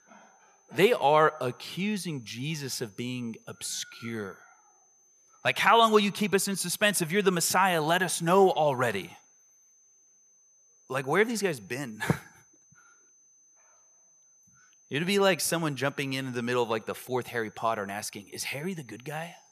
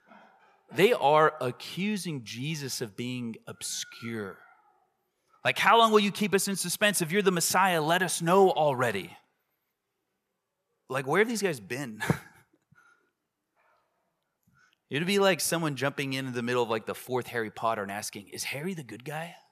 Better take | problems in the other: second | high-pitched whine; faint; throughout; 6 kHz, 30 dB below the speech

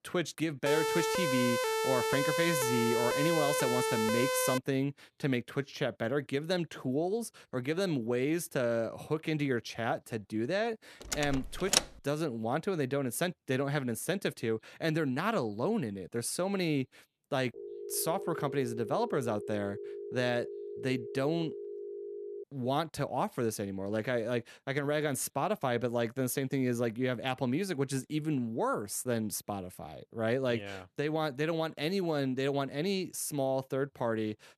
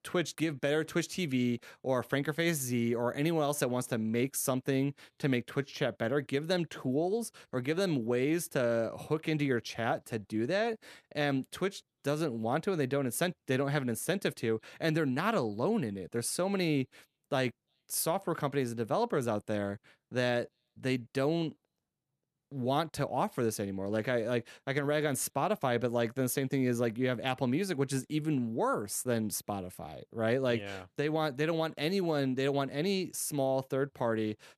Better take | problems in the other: second | siren; loud; from 0.5 to 4.5 s; peak 2 dB above the speech // door banging; loud; at 11 s; peak 5 dB above the speech // phone ringing; noticeable; from 18 to 22 s; peak 8 dB below the speech

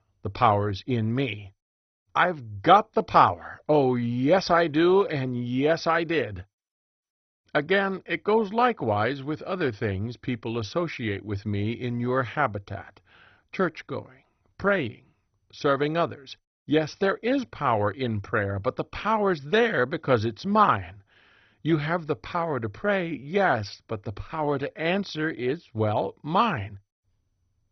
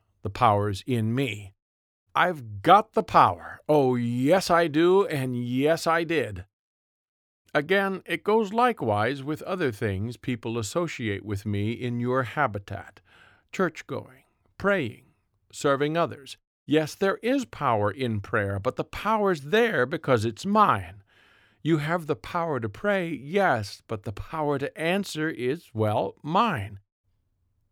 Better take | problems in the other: second | garbled, watery; badly; nothing above 6 kHz

